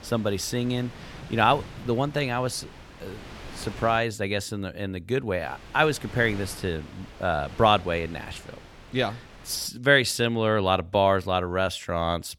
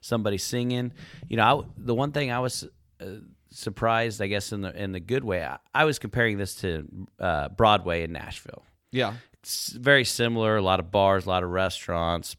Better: second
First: wind noise on the microphone; occasional gusts; until 4 s and from 5.5 to 9.5 s; 20 dB below the speech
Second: none

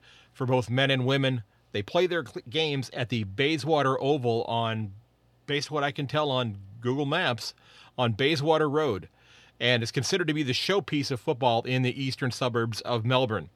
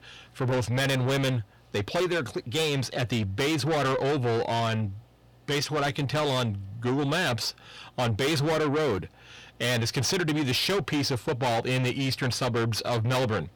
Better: first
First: none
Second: distortion; heavy; 6 dB below the speech

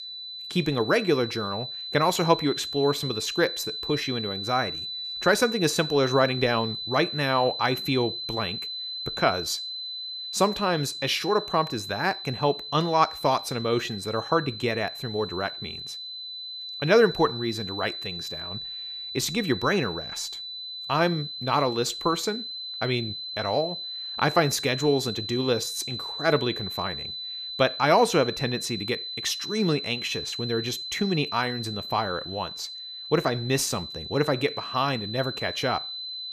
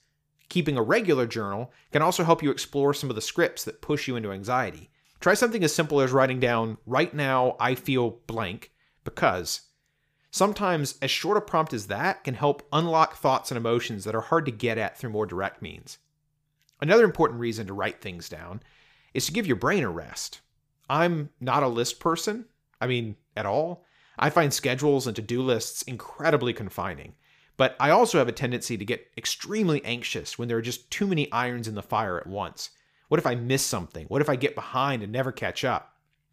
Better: second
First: high-pitched whine; loud; throughout; 4 kHz, 6 dB below the speech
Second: none

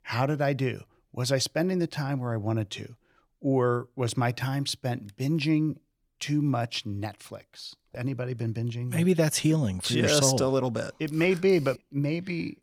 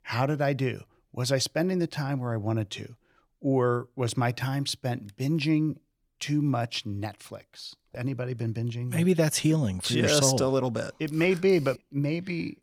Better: neither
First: none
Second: none

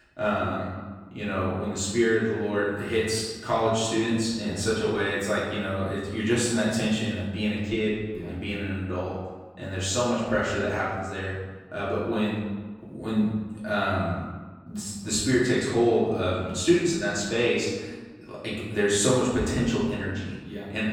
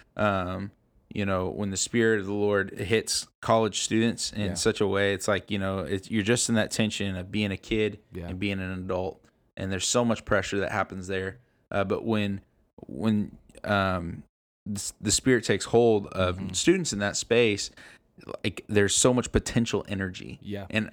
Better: second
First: room echo; noticeable; dies away in 1.2 s // off-mic speech; far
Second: none

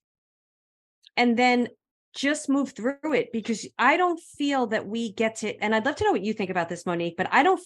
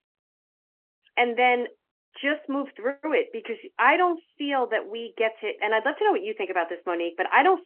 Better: first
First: none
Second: phone-call audio; nothing above 3 kHz

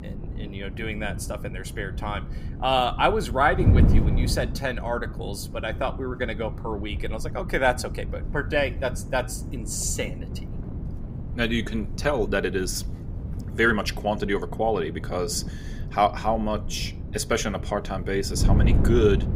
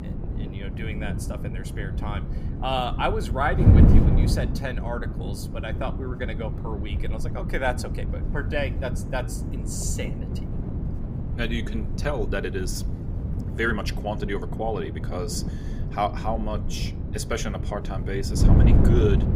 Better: first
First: wind noise on the microphone; occasional gusts; 15 dB below the speech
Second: wind noise on the microphone; heavy; 6 dB below the speech

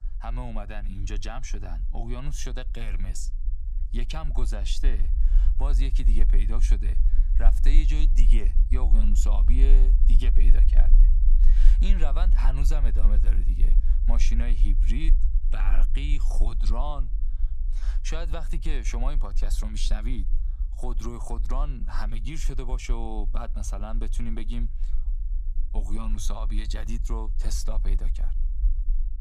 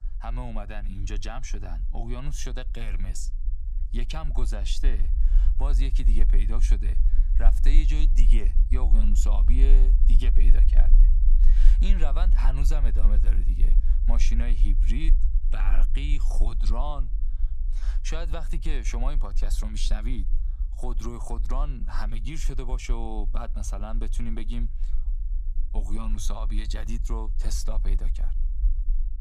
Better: neither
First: low rumble; noticeable; throughout; 10 dB below the speech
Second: low rumble; noticeable; throughout; 10 dB below the speech

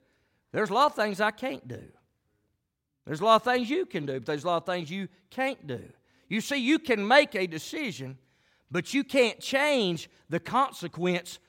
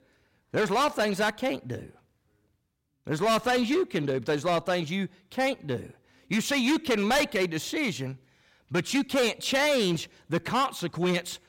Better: first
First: none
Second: distortion; heavy; 11% of the sound clipped

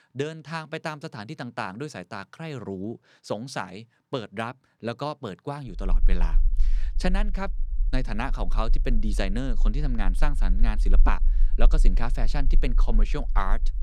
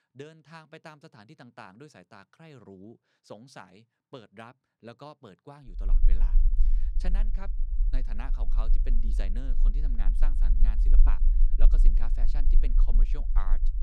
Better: first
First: low rumble; faint; from 6 s on; 20 dB below the speech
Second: low rumble; loud; from 6 s on; 8 dB below the speech

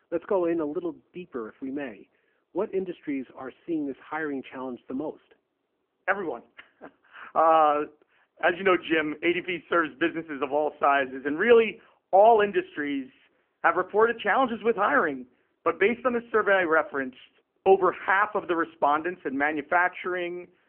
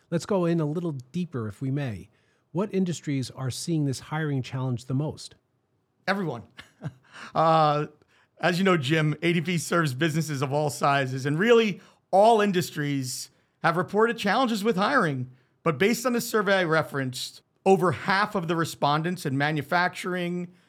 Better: second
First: phone-call audio; poor line; nothing above 3 kHz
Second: none

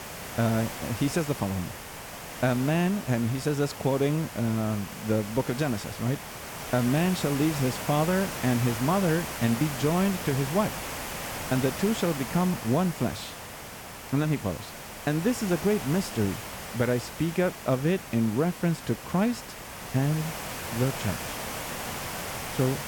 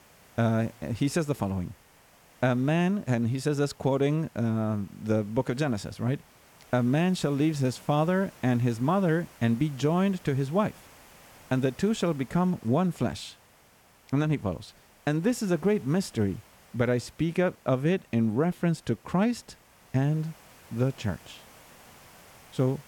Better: second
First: hiss; loud; throughout; 8 dB below the speech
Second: hiss; faint; throughout; 25 dB below the speech

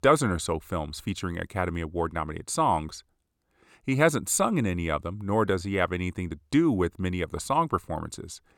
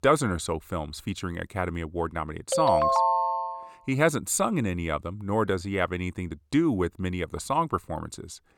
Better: first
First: none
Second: phone ringing; loud; from 2.5 to 3.5 s; peak 6 dB above the speech

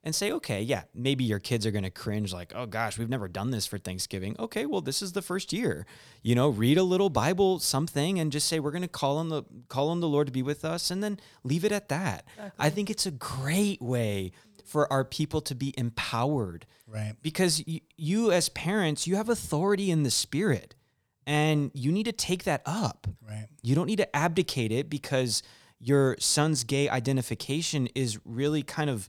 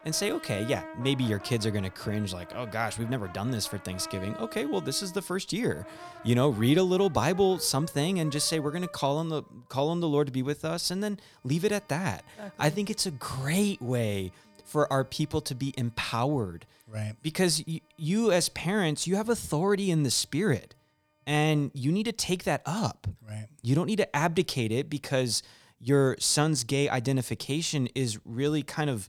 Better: first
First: none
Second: background music; noticeable; throughout; 15 dB below the speech

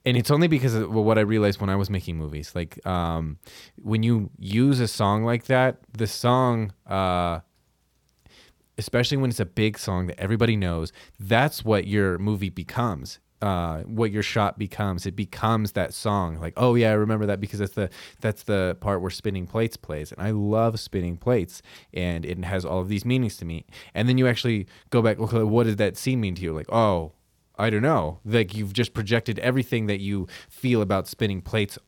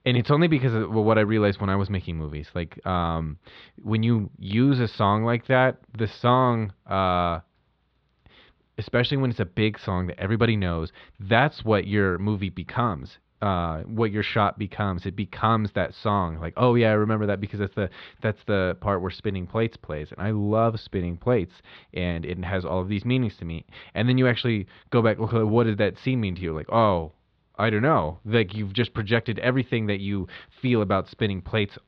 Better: first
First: none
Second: muffled; slightly; fading above 4 kHz

